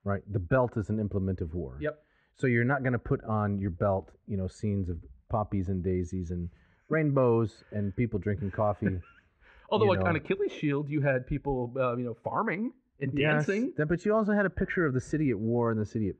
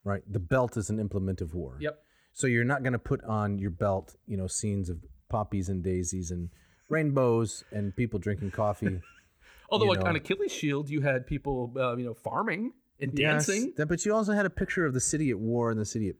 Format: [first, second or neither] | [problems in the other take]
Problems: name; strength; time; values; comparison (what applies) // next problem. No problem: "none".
second | muffled; very; fading above 2 kHz